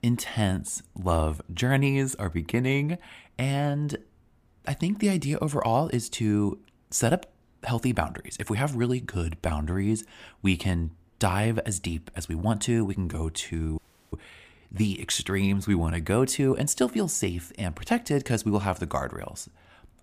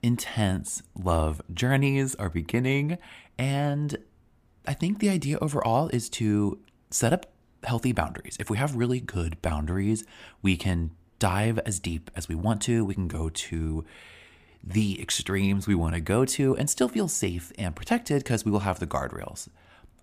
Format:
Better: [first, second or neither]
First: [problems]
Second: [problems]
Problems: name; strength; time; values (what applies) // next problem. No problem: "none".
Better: second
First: audio freezing; at 14 s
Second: none